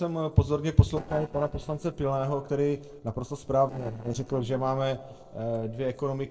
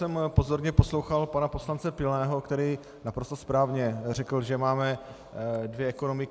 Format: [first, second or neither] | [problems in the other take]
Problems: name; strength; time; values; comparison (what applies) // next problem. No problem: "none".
second | noise reduction (neural separator model SepFormer DNS4)